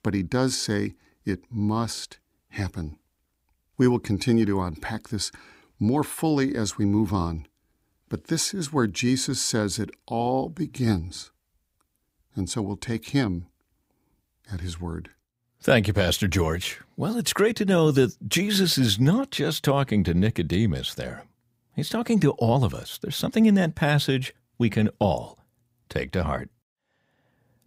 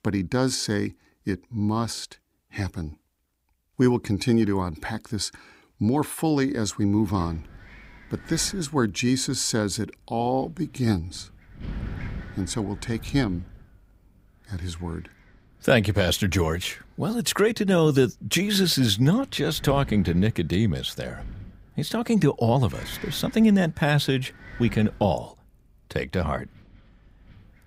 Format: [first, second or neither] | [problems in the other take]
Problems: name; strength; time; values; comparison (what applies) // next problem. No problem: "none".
first | wind noise on the microphone; occasional gusts; from 7 s on; 20 dB below the speech